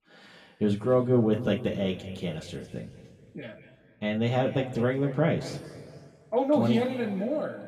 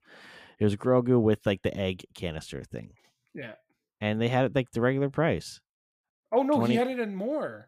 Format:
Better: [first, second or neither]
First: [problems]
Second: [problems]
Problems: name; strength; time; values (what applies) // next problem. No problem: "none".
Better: second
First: room echo; noticeable; dies away in 1.8 s // off-mic speech; far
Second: none